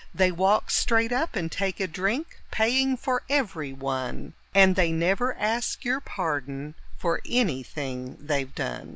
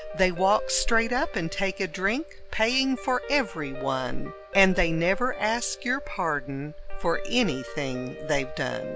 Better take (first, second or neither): first